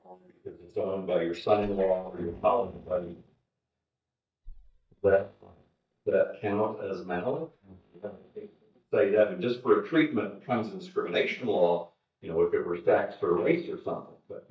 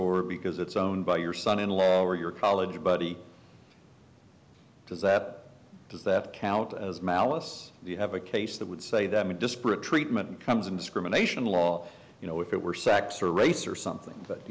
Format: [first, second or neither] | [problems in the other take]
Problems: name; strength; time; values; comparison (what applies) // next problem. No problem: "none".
second | noise reduction (neural mask model DeepFilterNet 3)